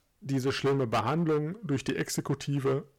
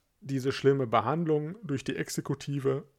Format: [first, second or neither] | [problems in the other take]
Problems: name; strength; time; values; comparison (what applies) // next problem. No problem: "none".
second | distortion; heavy; 10% of the sound clipped